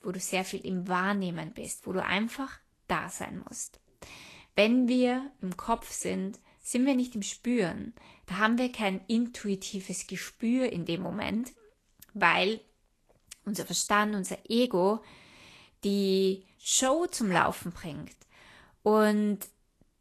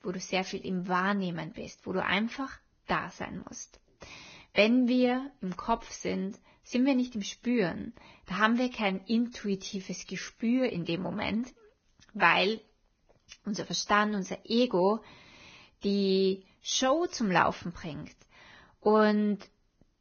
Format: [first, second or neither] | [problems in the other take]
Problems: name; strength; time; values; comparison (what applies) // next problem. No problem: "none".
first | garbled, watery; badly; nothing above 6.5 kHz; slightly in the first